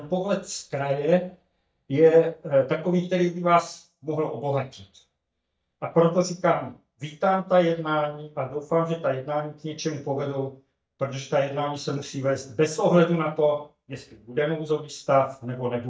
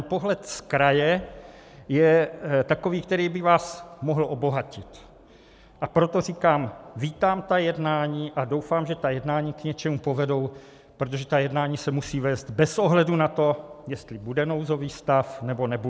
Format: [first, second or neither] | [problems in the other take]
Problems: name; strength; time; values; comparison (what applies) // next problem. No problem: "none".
second | noise reduction (neural mask model DeepFilterNet 3)